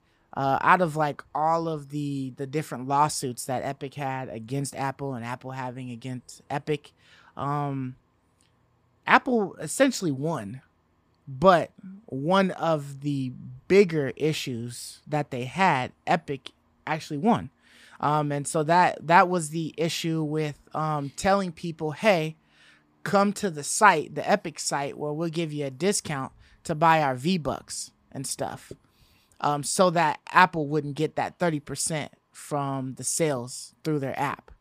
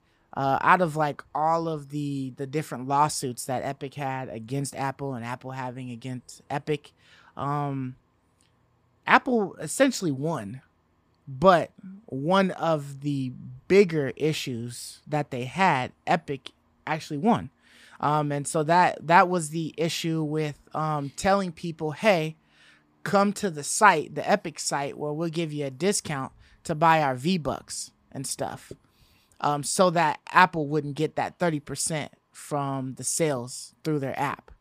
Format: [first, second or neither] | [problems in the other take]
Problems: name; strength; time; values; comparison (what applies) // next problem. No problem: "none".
neither | none